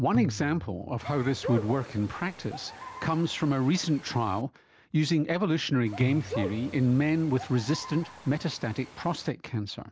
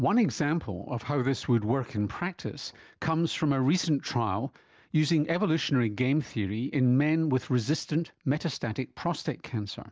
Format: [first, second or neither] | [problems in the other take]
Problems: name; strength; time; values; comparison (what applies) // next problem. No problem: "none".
second | background sound (Bird + Tabla); 12 dB below the speech